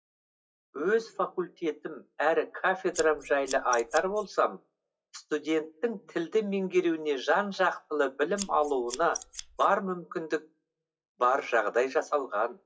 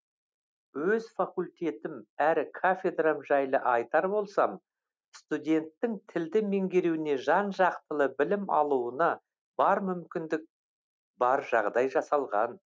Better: second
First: noise reduction (classical method WPE with log-MMSE)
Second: none

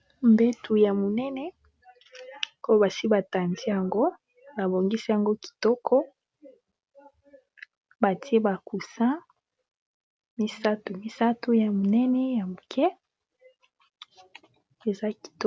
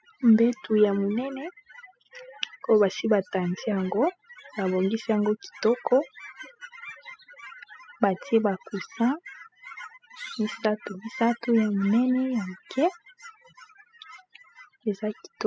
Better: first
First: none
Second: noise reduction (classical method spectral subtraction)

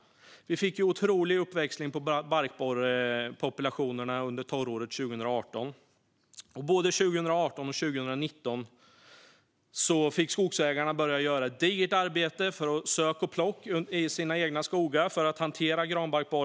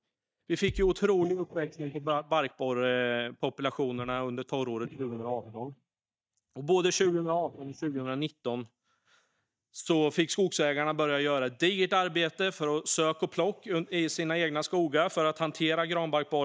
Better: first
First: none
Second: noise reduction (neural mask model DeepFilterNet 3)

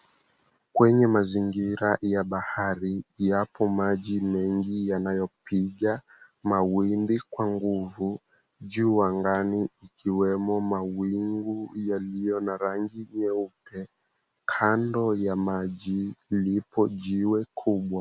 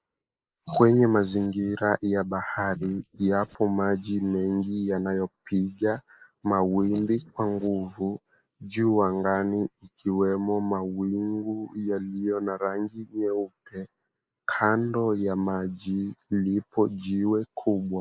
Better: first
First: none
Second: noise reduction (neural mask model Resemble Enhance denoiser)

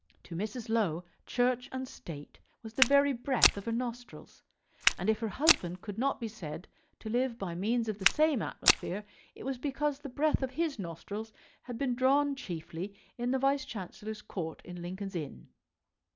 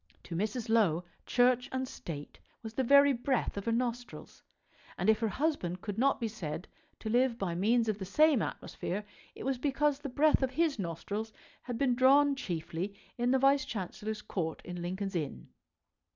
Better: second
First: background sound (Walk, footsteps); 1 dB above the speech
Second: none

